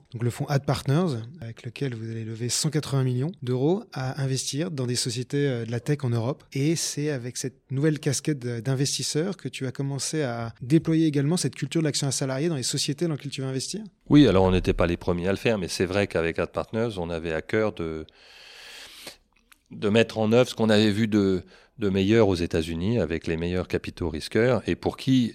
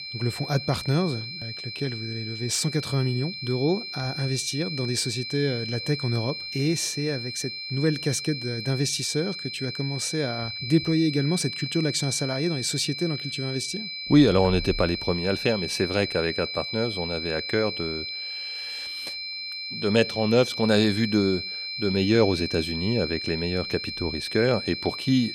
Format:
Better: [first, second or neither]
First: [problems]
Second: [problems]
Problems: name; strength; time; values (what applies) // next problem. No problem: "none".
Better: first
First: none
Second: high-pitched whine; loud; throughout; 4 kHz, 6 dB below the speech